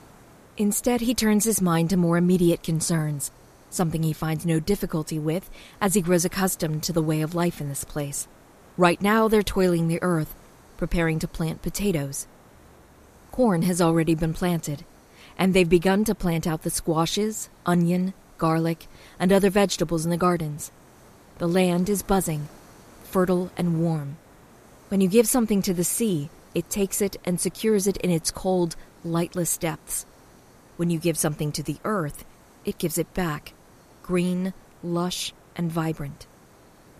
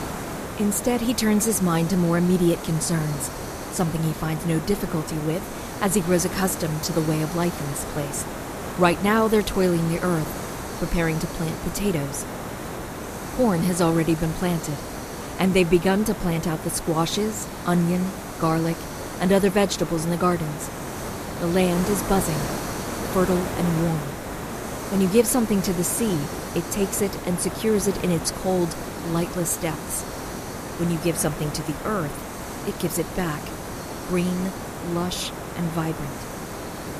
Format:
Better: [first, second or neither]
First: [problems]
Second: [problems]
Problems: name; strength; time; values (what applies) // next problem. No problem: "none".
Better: first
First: hiss; faint; throughout; 30 dB below the speech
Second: hiss; loud; throughout; 8 dB below the speech